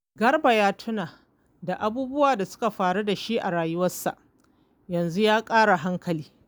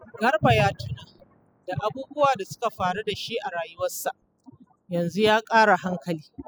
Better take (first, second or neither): first